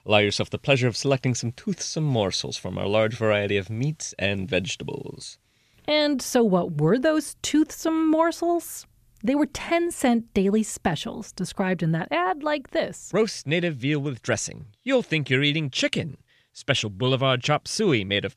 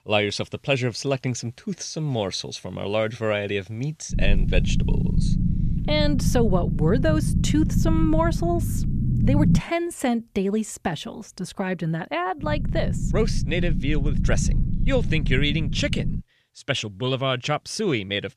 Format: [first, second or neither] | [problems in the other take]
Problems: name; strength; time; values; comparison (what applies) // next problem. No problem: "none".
first | low rumble; loud; from 4 to 9.5 s and from 12 to 16 s; 9 dB below the speech